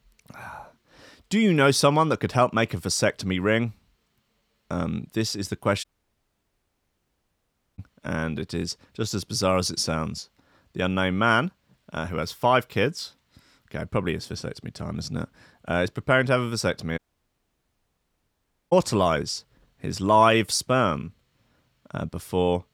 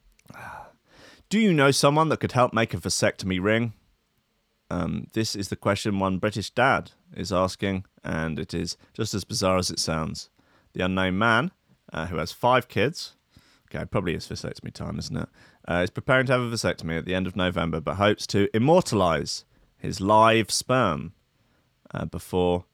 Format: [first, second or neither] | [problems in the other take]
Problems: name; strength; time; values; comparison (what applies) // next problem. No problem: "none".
second | audio cutting out; at 6 s for 2 s and at 17 s for 1.5 s